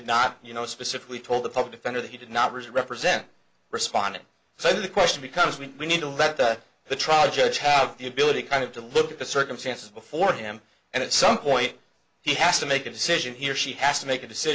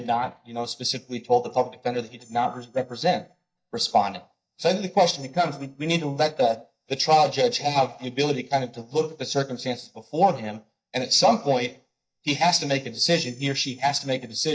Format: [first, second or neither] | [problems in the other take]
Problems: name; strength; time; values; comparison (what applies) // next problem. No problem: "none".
first | noise reduction (neural mask model DeepFilterNet 3)